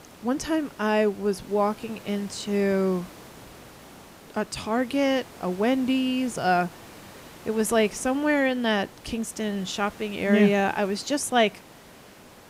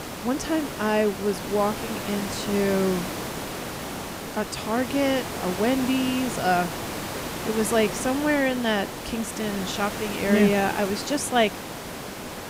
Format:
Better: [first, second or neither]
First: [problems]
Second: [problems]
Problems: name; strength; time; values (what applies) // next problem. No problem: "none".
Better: first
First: hiss; faint; throughout; 20 dB below the speech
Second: hiss; loud; throughout; 7 dB below the speech